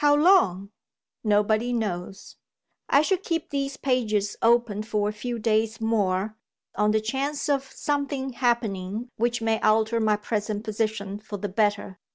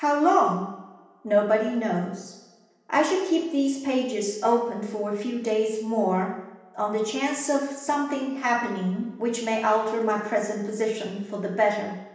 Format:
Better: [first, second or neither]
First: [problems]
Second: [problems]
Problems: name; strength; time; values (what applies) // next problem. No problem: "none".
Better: first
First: none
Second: room echo; dies away in 0.9 s